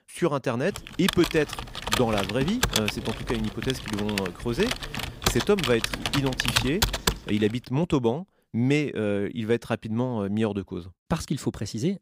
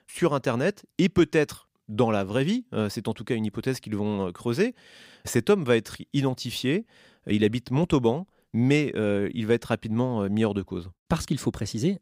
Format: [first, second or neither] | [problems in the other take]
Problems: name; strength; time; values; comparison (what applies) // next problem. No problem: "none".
second | keyboard typing; loud; from 1 to 7.5 s; peak 4 dB above the speech